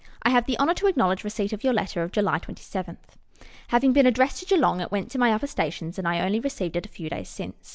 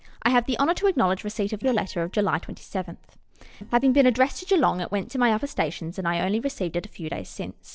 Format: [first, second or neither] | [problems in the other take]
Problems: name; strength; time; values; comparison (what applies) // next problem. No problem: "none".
first | noise reduction (neural separator model SepFormer DNS4)